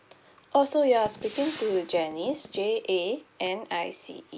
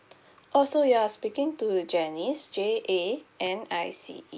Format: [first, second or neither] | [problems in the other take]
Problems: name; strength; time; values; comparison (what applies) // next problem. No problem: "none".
second | background sound (Gunshot, gunfire); 17 dB below the speech